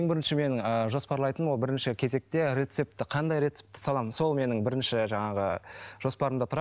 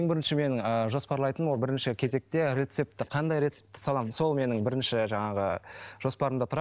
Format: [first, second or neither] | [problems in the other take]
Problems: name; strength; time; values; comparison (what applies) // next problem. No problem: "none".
first | noise reduction (neural separator model SepFormer DNS4)